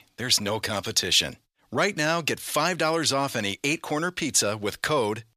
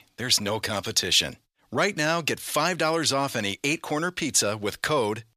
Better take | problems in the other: neither | thin; somewhat; fading below 1 kHz; the same in both

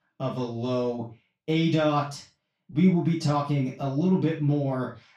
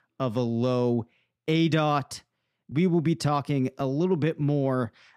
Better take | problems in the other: second | room echo; noticeable; dies away in 0.3 s // off-mic speech; far

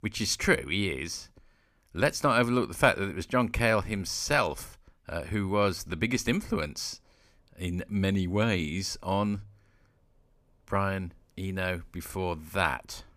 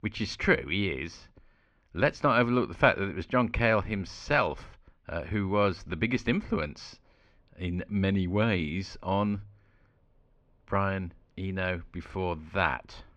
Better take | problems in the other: first | muffled; slightly; fading above 3.5 kHz

